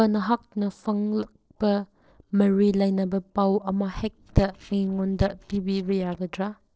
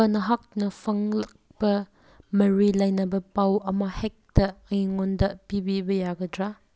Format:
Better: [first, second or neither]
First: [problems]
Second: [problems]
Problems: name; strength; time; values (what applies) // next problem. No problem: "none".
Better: second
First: noise reduction (neural separator model SepFormer DNS4)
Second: none